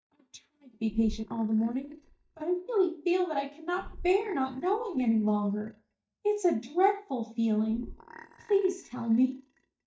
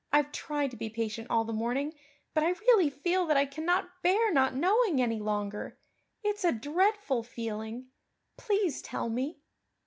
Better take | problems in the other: second | noise reduction (neural mask model DeepFilterNet 3)

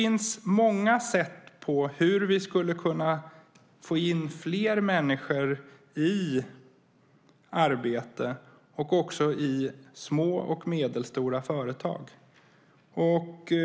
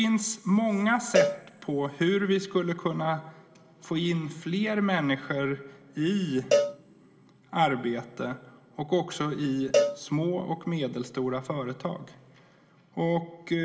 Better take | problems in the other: first | background sound (Cowbell); 3 dB below the speech // room echo; dies away in 2.8 s

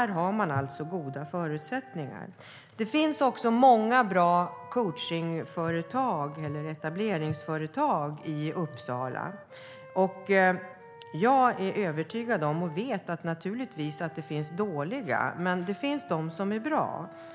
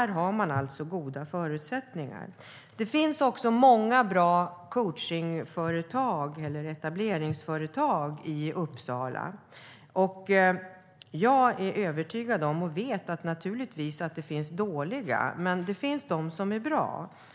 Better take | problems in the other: second | background sound (Wind instrument, woodwind instrument); 19 dB below the speech

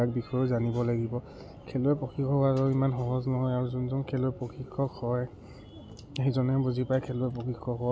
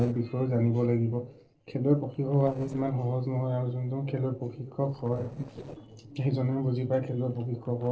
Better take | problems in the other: first | noise reduction (neural separator model SepFormer DNS4)

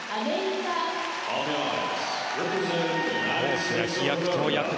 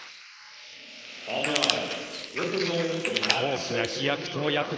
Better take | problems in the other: first | noise reduction (neural mask model Resemble Enhance denoiser)

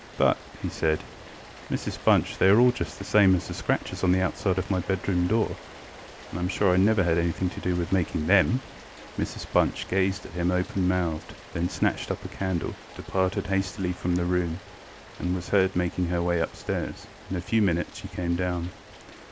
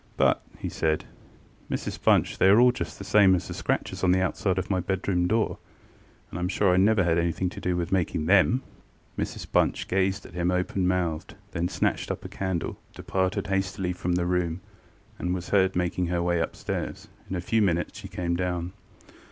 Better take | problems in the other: second | background sound (Rain); 18 dB below the speech

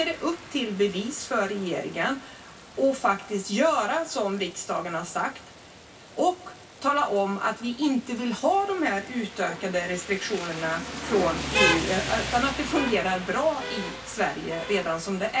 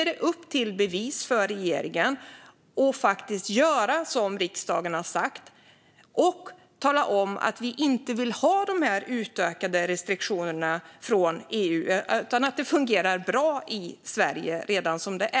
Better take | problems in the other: second | background sound (Rain); 8 dB below the speech // room echo; dies away in 0.1 s

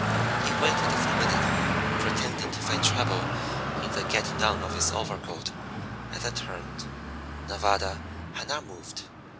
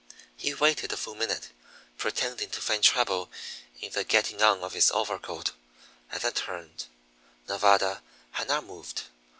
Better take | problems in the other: second | background sound (Traffic noise, roadway noise); 3 dB above the speech

